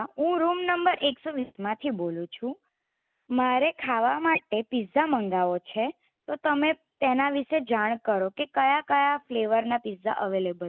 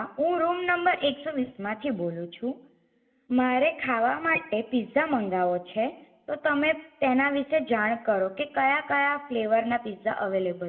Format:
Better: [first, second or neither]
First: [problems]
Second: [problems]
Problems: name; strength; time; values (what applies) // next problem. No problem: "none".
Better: first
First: none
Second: room echo; dies away in 1 s